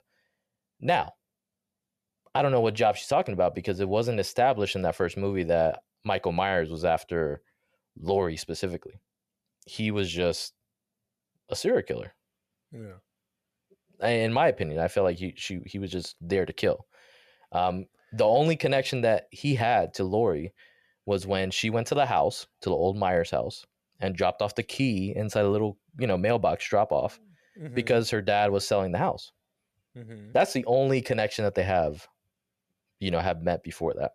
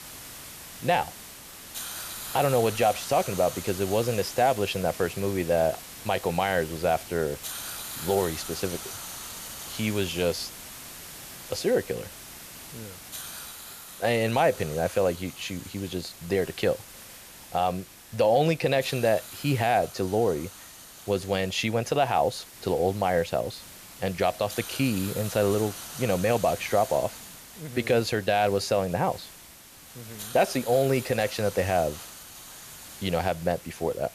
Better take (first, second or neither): first